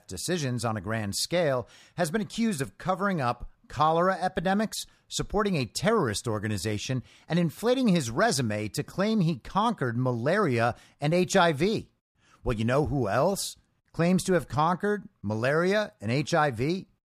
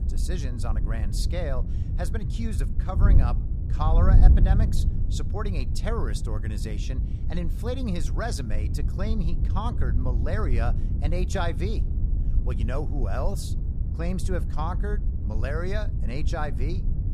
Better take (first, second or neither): first